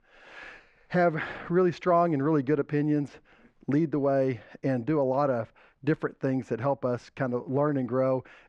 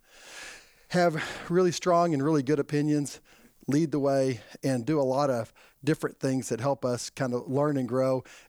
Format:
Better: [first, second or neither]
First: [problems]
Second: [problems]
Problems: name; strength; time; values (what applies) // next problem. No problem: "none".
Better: second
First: muffled; very; fading above 2 kHz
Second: none